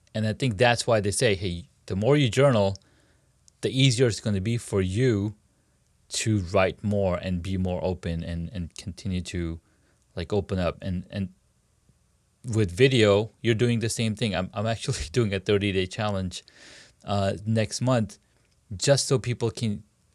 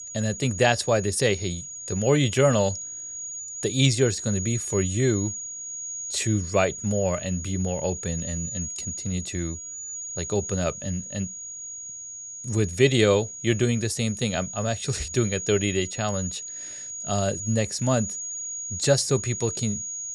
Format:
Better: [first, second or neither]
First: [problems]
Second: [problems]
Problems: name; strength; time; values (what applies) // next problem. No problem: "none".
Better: first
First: none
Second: high-pitched whine; loud; throughout; 6.5 kHz, 7 dB below the speech